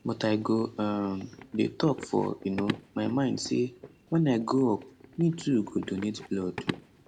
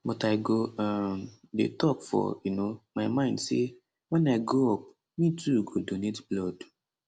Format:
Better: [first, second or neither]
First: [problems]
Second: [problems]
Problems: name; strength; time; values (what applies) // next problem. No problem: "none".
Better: second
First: background sound (Run); 14 dB below the speech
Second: none